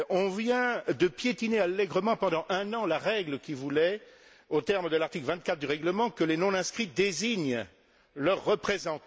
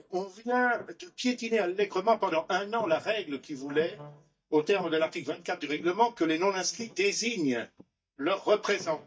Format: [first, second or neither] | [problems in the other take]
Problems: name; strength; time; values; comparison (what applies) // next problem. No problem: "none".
first | noise reduction (neural mask model DeepFilterNet 3)